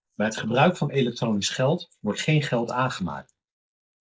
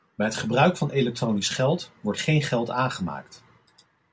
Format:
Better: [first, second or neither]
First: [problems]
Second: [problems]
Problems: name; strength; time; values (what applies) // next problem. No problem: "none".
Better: second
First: noise reduction (neural mask model Resemble Enhance denoiser)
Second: none